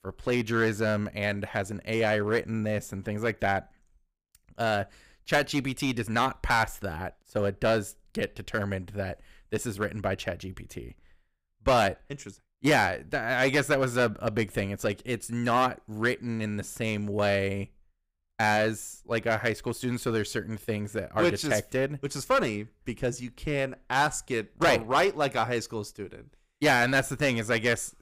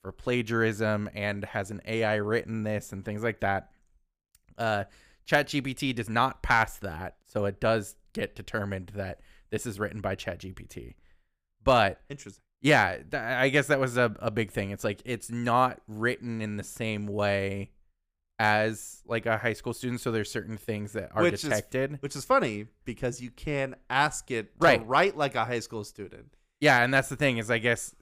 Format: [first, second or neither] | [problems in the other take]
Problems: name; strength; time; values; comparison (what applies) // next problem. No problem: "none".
second | distortion; slight; 4% of the sound clipped